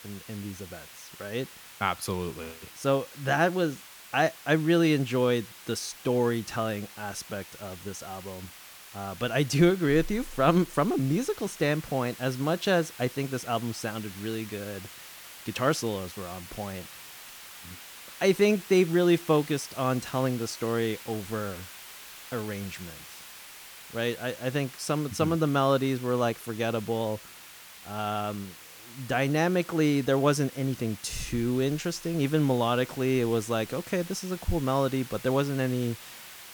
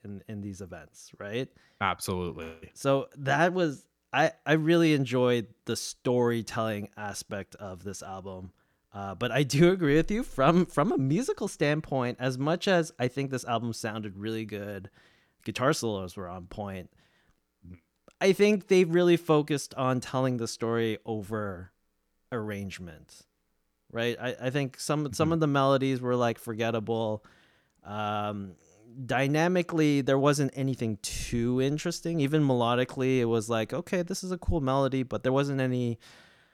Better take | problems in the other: second | hiss; noticeable; throughout; 15 dB below the speech

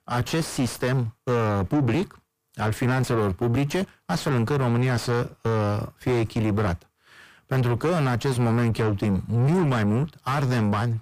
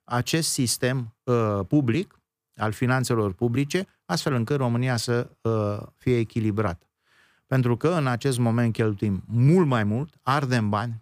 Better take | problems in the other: second | distortion; heavy; 6 dB below the speech

